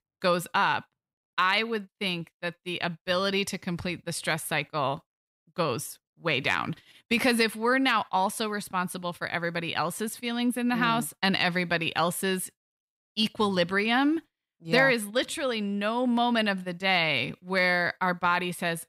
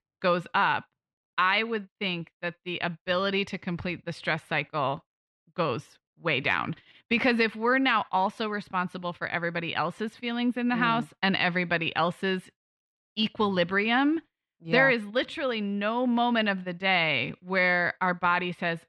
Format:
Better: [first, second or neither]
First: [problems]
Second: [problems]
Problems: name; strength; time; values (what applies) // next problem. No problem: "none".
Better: first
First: none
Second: muffled; very slightly; fading above 3 kHz